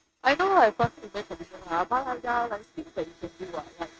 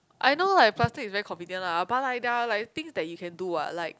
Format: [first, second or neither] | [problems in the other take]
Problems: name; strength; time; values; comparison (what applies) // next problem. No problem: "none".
second | noise reduction (neural mask model RNNoise)